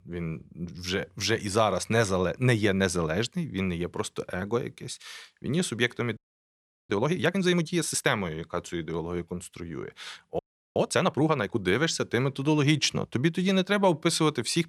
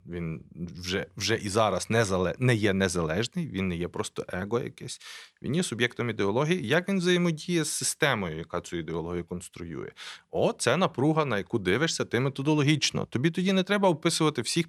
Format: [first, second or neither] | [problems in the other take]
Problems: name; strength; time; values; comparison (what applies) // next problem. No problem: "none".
second | audio freezing; at 6 s for 0.5 s and at 10 s